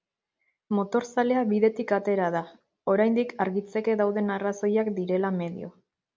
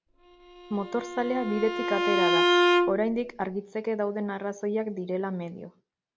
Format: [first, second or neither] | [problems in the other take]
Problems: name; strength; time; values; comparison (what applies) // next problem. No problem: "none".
first | background sound (Bowed string instrument); 4 dB above the speech